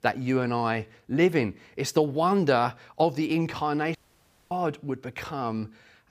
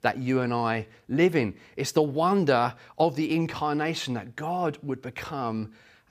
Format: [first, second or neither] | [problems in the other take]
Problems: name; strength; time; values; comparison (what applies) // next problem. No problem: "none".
second | audio cutting out; at 4 s for 0.5 s